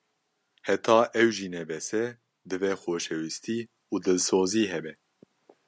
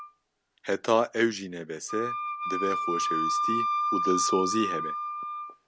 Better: first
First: none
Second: background sound (Wind instrument, woodwind instrument); as loud as the speech

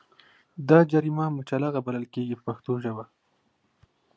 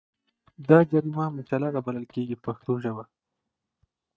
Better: first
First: none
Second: noise reduction (neural mask model DeepFilterNet 3)

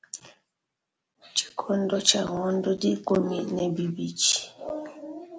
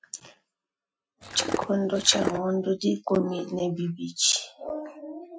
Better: first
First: none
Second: noise reduction (classical method Wiener filter)

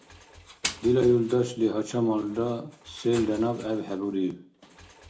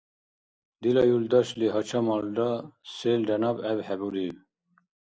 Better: second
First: background sound (Engine); 16 dB below the speech // room echo; dies away in 0.3 s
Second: none

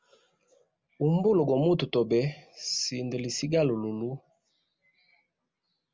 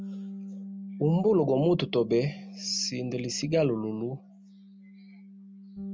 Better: first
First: none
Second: background sound (Bass guitar); 13 dB below the speech

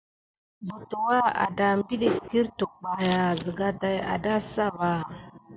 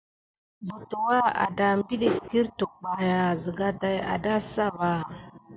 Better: second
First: background sound (Scissors); 14 dB below the speech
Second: none

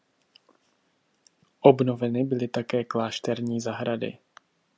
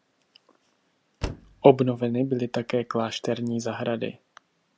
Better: first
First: none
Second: background sound (Slam); 14 dB below the speech

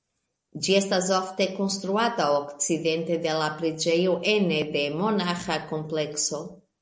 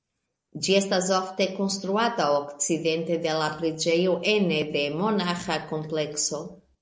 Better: first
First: none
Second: noise reduction (neural mask model Resemble Enhance denoiser)

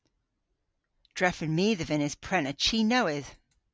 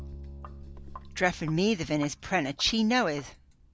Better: first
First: none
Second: background sound (Sink (filling or washing) + Bowed string instrument); 16 dB below the speech

